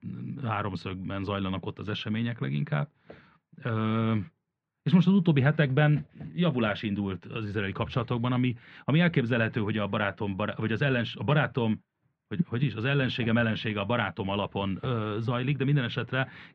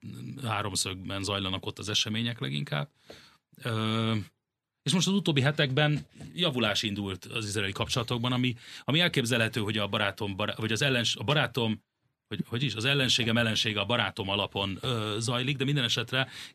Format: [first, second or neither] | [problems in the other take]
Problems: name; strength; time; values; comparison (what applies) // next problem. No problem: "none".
second | muffled; very; fading above 2 kHz